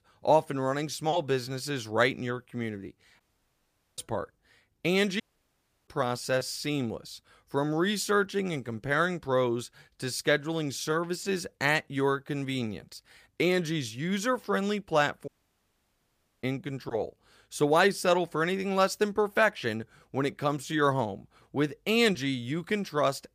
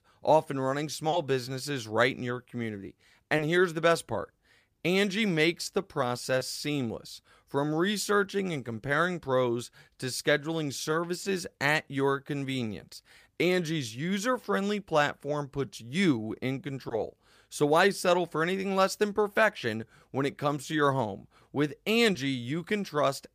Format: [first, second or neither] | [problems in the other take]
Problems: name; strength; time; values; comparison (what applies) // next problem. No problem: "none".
second | audio cutting out; at 3 s for 1 s, at 5 s for 0.5 s and at 15 s for 1 s